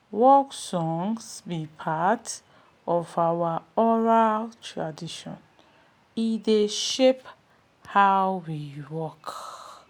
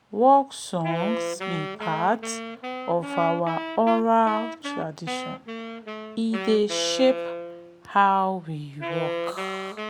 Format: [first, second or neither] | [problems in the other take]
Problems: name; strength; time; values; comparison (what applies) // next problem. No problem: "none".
first | background sound (Wind instrument, woodwind instrument); 8 dB below the speech